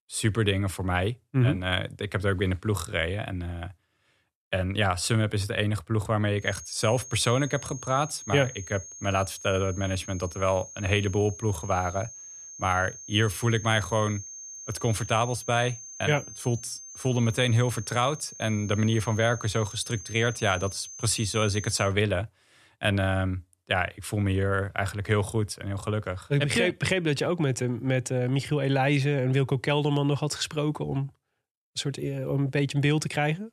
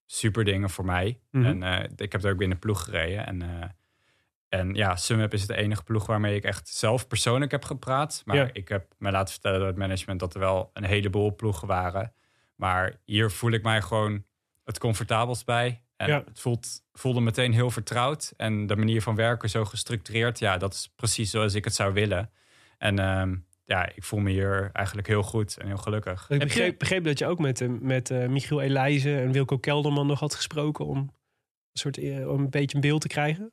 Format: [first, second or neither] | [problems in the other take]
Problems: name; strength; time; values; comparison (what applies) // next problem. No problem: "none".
second | high-pitched whine; noticeable; from 6.5 to 22 s; 6.5 kHz, 15 dB below the speech